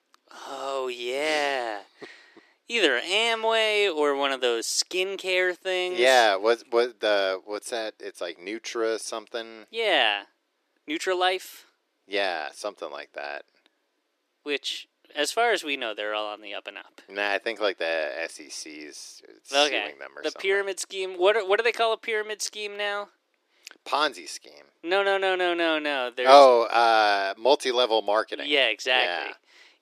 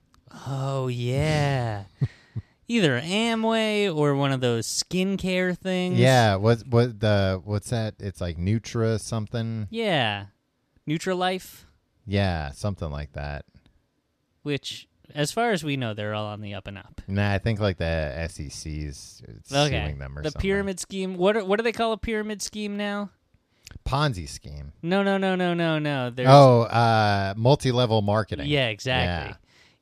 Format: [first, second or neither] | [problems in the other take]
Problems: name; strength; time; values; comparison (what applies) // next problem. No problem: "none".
second | thin; very; fading below 350 Hz